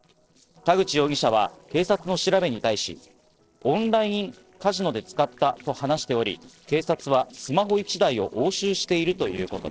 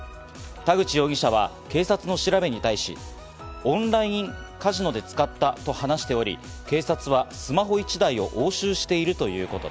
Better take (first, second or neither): second